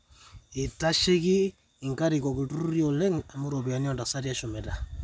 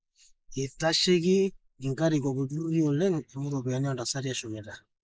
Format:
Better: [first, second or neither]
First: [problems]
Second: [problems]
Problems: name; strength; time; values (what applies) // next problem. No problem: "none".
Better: first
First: none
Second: noise reduction (neural mask model Resemble Enhance denoiser)